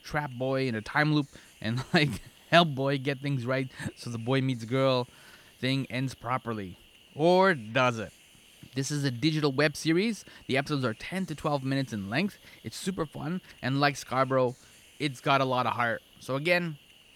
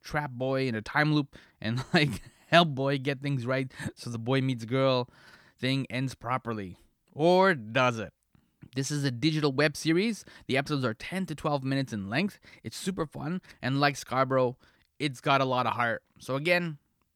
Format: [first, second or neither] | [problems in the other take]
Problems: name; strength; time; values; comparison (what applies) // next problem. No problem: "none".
second | hiss; faint; throughout; 25 dB below the speech